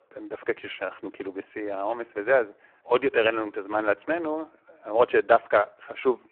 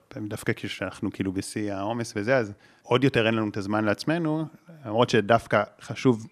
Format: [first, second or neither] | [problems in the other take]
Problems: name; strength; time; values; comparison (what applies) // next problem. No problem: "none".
second | phone-call audio; poor line